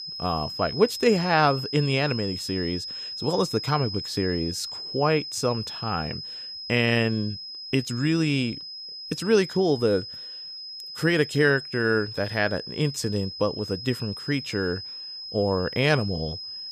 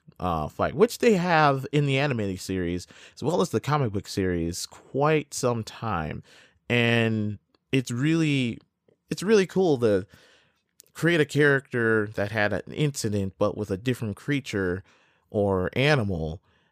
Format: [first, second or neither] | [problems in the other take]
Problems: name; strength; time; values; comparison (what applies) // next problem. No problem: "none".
second | high-pitched whine; loud; throughout; 5 kHz, 8 dB below the speech